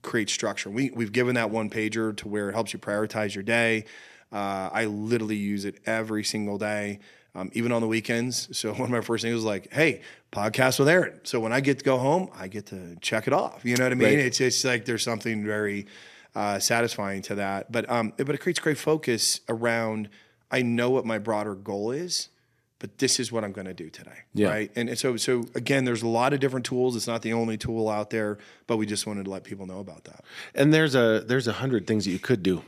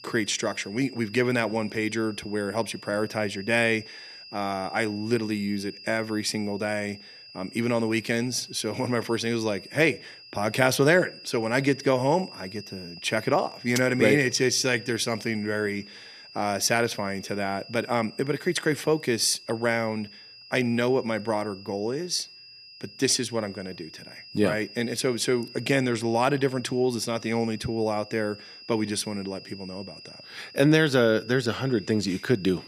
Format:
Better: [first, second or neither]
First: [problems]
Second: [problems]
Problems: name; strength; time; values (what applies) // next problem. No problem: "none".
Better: first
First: none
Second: high-pitched whine; noticeable; throughout; 5 kHz, 20 dB below the speech